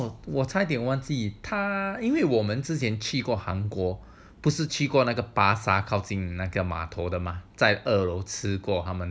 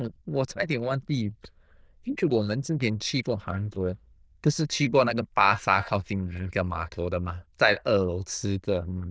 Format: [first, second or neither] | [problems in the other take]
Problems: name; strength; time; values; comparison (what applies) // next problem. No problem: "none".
first | noise reduction (neural diffusion model UNIVERSE++)